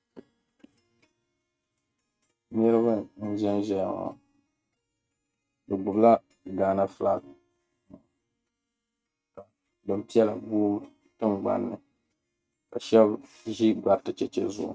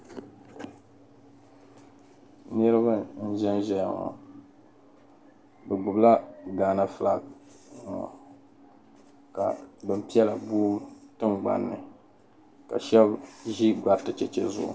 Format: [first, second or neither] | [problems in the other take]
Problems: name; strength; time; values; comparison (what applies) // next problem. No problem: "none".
second | noise reduction (neural mask model RNNoise)